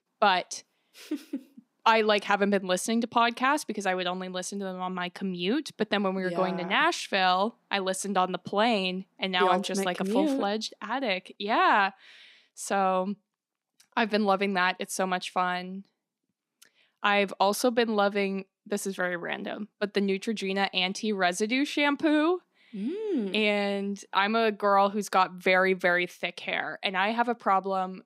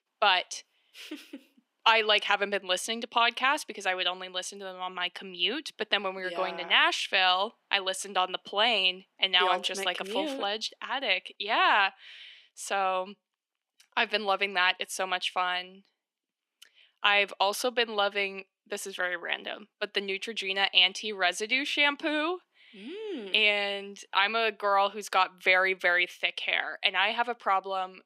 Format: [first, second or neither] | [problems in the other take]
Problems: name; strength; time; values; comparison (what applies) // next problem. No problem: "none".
first | thin; somewhat; fading below 400 Hz